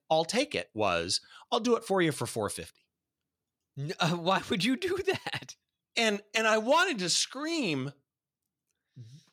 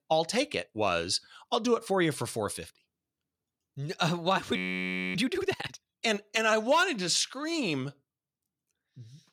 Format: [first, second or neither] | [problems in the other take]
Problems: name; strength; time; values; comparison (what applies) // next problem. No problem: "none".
first | audio freezing; at 4.5 s for 0.5 s